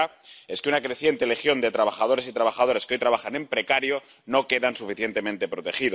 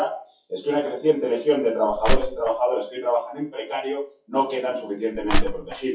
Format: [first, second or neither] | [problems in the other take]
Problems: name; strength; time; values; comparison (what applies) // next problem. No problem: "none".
first | noise reduction (classical method WPE with log-MMSE)